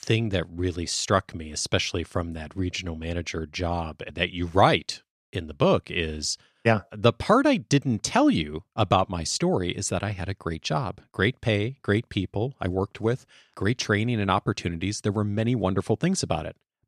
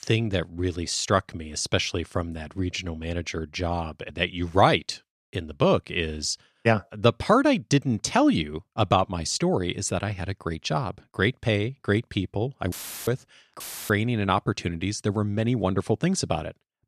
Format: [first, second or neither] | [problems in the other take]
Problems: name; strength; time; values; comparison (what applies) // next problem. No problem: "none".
first | audio cutting out; filled with static; at 13 s and at 14 s